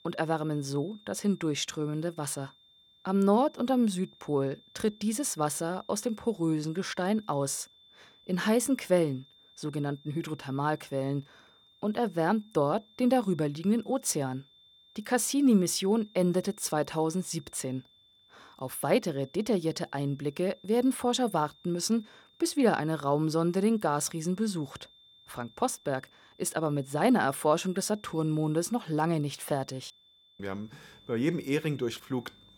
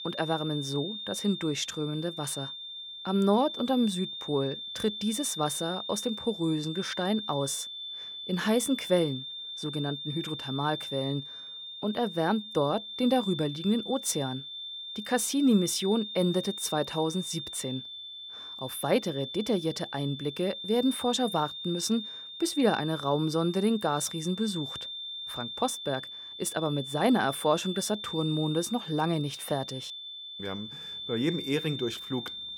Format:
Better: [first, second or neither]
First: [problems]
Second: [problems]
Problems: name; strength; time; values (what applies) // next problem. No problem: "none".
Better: first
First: high-pitched whine; faint; throughout; 3.5 kHz, 30 dB below the speech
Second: high-pitched whine; loud; throughout; 3.5 kHz, 8 dB below the speech